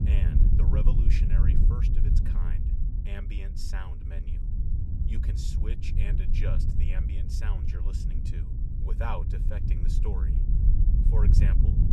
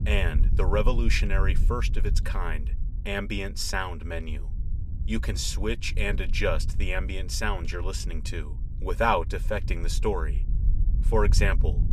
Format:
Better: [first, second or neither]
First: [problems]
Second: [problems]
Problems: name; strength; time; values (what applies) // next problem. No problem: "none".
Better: second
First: wind noise on the microphone; heavy; 1 dB below the speech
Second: wind noise on the microphone; occasional gusts; 20 dB below the speech